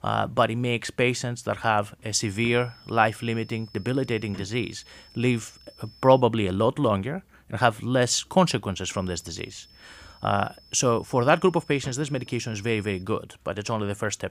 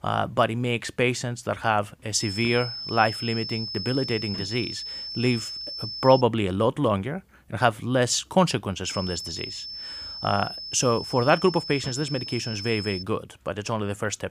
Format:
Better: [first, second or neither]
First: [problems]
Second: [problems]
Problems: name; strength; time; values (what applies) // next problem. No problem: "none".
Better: first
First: high-pitched whine; faint; from 2 to 6 s and from 9 to 13 s; 5.5 kHz, 25 dB below the speech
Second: high-pitched whine; loud; from 2 to 6 s and from 9 to 13 s; 5.5 kHz, 7 dB below the speech